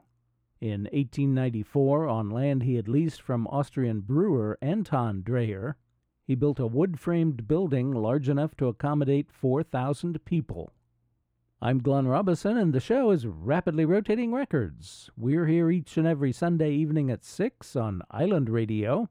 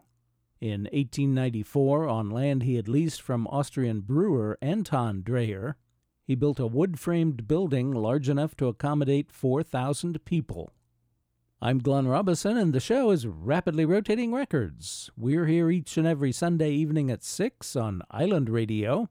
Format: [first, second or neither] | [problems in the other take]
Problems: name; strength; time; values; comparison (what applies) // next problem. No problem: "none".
second | muffled; slightly; fading above 3.5 kHz